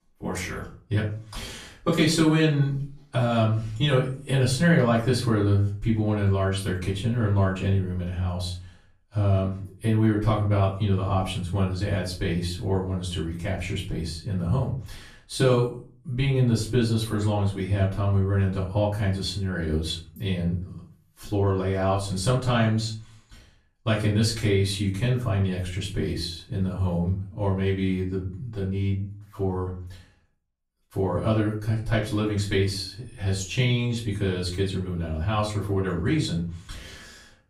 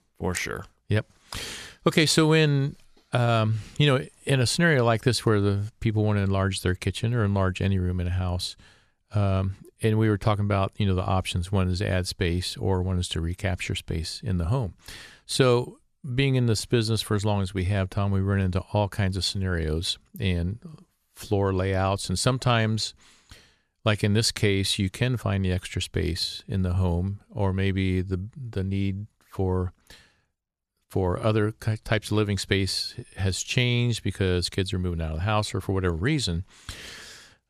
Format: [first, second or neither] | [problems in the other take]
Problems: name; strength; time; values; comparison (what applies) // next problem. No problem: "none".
second | off-mic speech; far // room echo; slight; dies away in 0.4 s